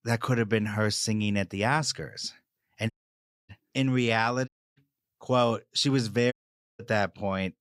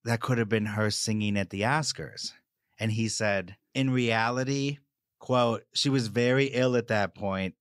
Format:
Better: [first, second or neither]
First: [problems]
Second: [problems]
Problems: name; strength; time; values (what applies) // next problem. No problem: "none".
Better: second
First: audio cutting out; at 3 s for 0.5 s, at 4.5 s and at 6.5 s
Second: none